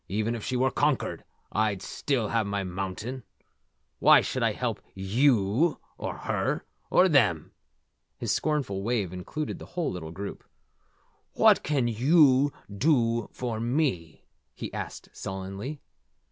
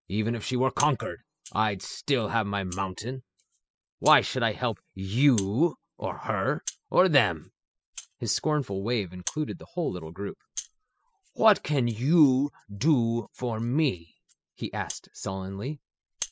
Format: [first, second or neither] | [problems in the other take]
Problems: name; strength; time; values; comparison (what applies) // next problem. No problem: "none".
first | noise reduction (classical method spectral subtraction)